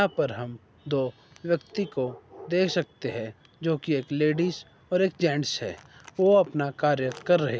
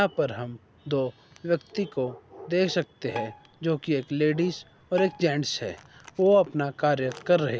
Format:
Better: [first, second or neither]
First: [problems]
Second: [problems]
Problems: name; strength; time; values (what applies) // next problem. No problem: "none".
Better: first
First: none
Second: background sound (Bowed string instrument); 17 dB below the speech